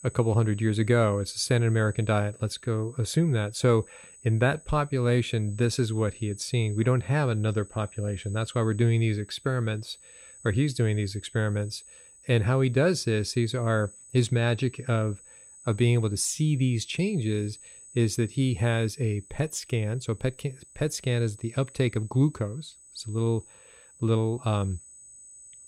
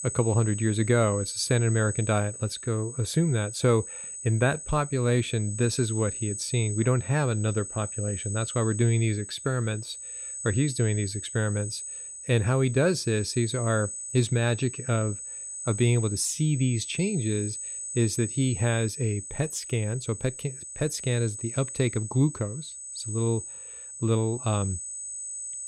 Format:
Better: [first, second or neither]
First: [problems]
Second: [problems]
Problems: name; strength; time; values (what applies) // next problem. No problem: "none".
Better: first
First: high-pitched whine; faint; throughout; 8 kHz, 20 dB below the speech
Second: high-pitched whine; loud; throughout; 8 kHz, 8 dB below the speech